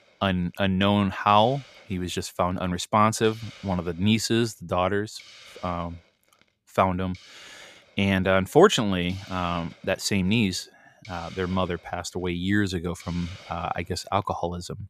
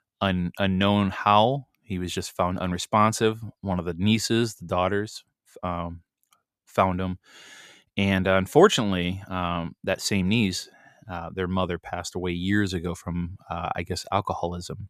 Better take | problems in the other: second | hiss; faint; throughout; 20 dB below the speech

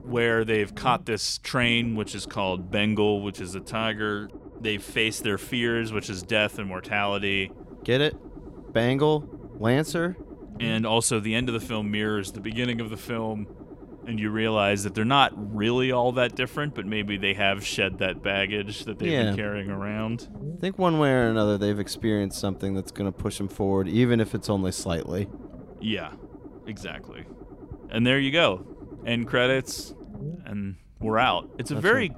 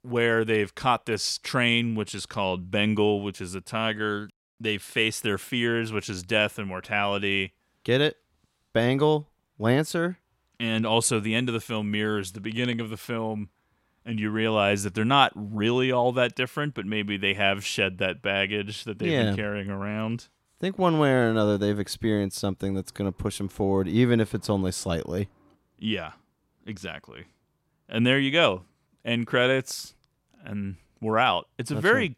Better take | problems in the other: second | low rumble; faint; throughout; 20 dB below the speech

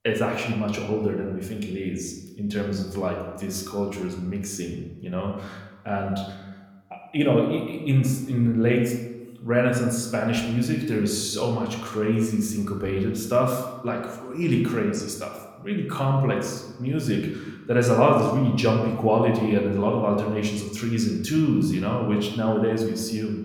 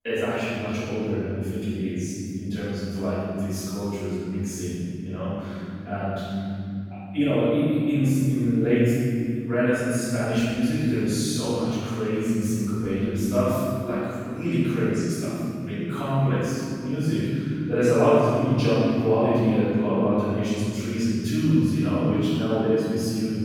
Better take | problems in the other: first | room echo; strong; dies away in 3 s; slight in the first // off-mic speech; far; somewhat distant in the first

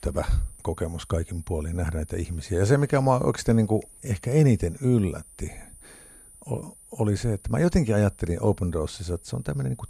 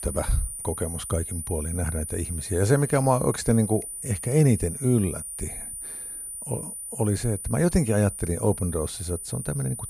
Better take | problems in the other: first | high-pitched whine; loud; throughout; 9.5 kHz, 7 dB below the speech; faint in the first

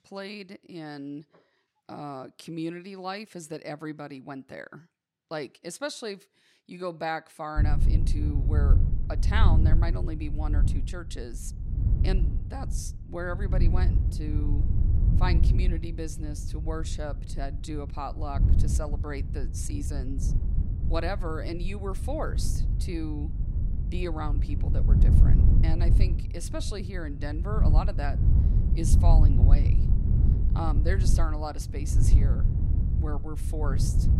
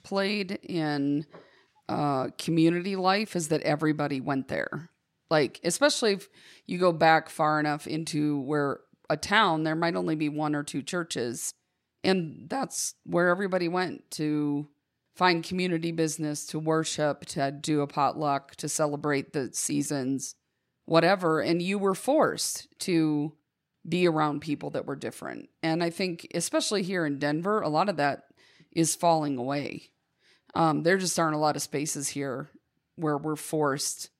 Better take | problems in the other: second | wind noise on the microphone; heavy; from 7.5 s on; 5 dB below the speech

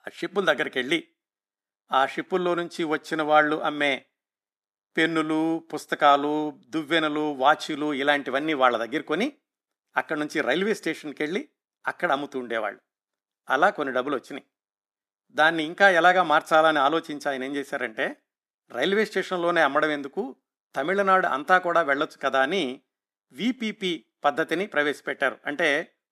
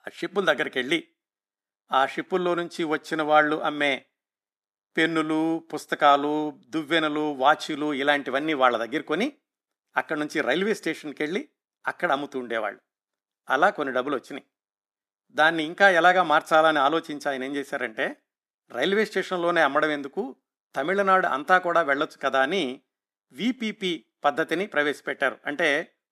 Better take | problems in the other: neither | none

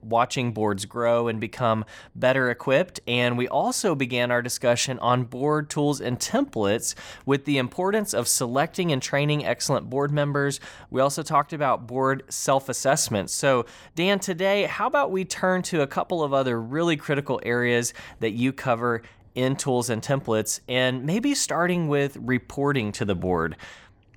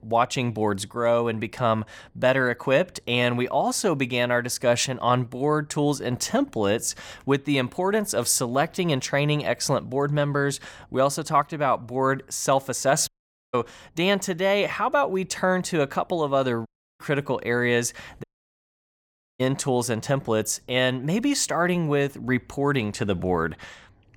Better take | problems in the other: first | audio cutting out; at 13 s, at 17 s and at 18 s for 1 s

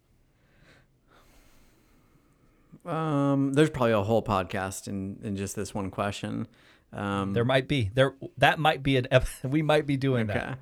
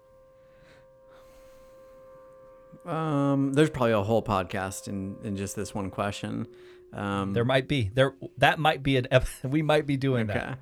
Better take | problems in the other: first | background music; faint; throughout; 25 dB below the speech

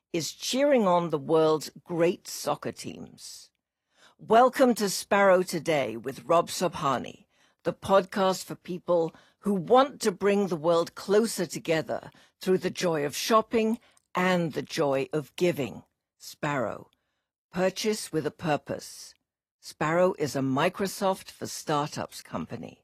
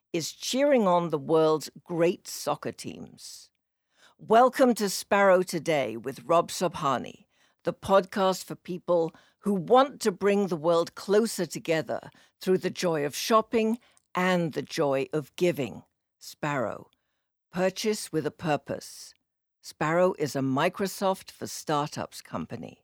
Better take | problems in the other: second | garbled, watery; slightly

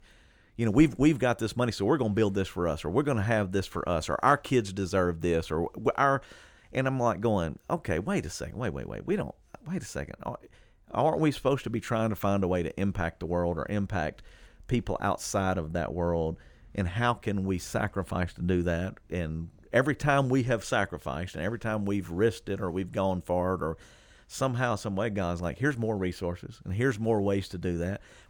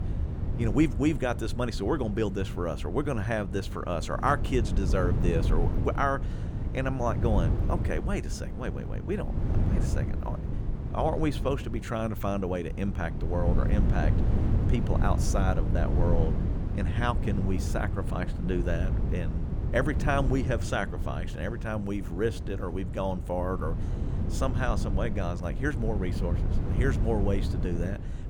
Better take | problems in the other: first | wind noise on the microphone; heavy; 9 dB below the speech

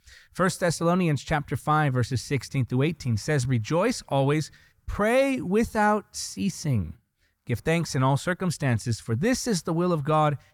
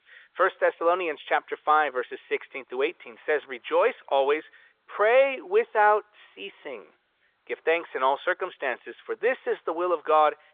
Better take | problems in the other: first | phone-call audio; nothing above 3.5 kHz

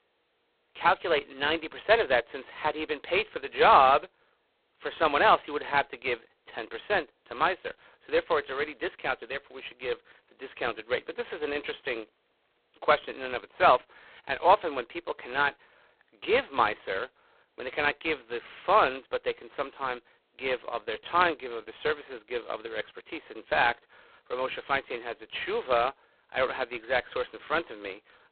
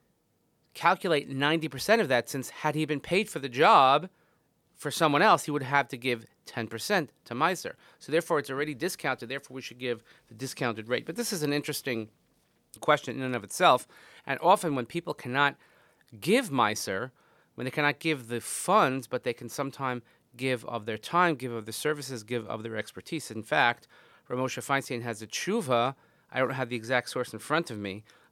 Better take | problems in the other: second | phone-call audio; poor line; nothing above 4 kHz

